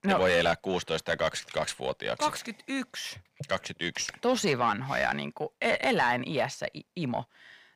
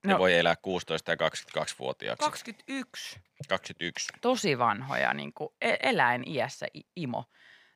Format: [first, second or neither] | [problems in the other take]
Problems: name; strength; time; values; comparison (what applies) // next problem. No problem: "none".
second | distortion; slight; 10 dB below the speech